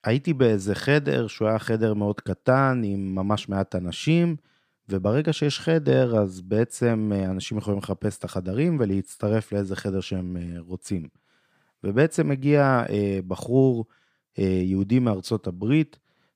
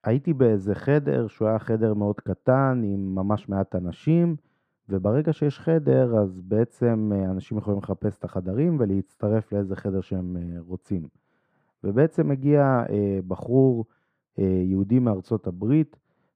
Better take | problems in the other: first | muffled; very; fading above 2 kHz

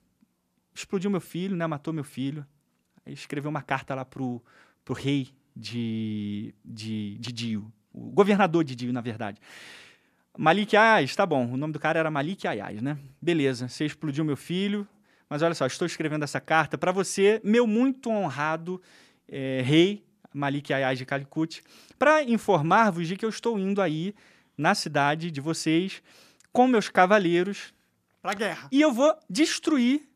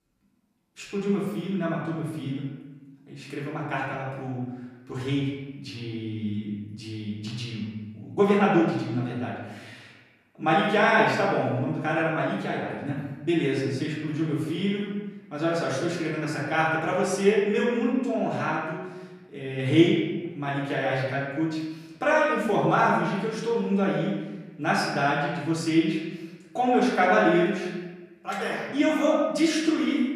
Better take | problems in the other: first | room echo; noticeable; dies away in 1.1 s // off-mic speech; far

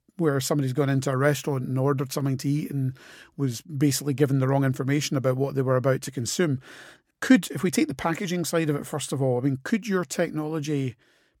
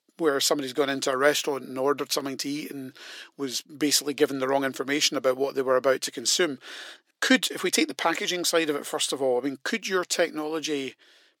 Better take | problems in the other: first | thin; somewhat; fading below 350 Hz

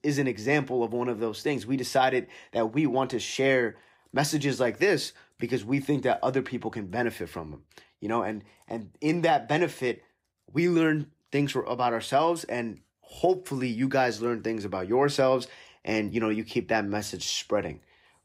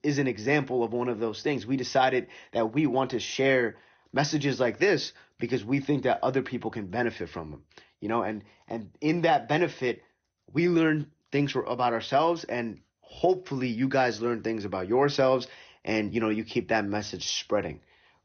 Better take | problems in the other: first | garbled, watery; slightly; nothing above 6.5 kHz

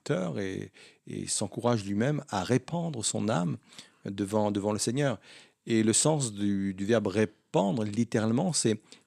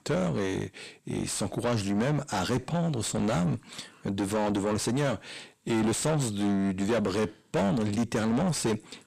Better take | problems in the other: first | distortion; heavy; 6 dB below the speech

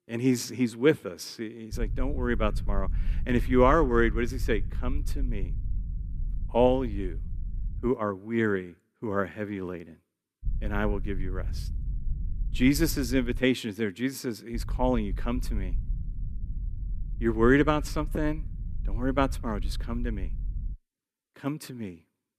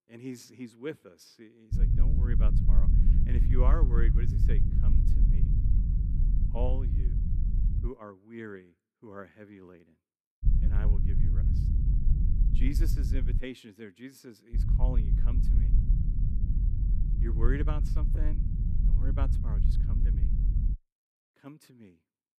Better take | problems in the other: first | low rumble; loud; from 1.5 to 8 s, from 10 to 13 s and from 15 to 21 s; 3 dB below the speech; faint in the first

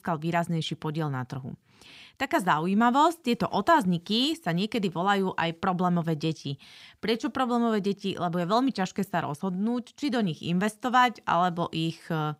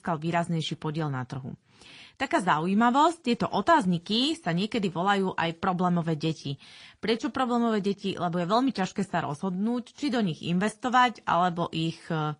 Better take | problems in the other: first | garbled, watery; slightly; nothing above 10.5 kHz

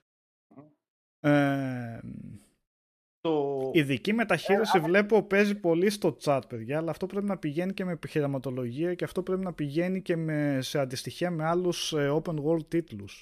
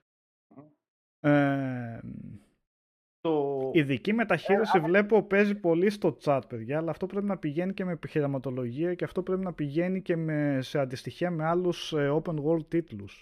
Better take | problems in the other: first | muffled; slightly; fading above 4 kHz

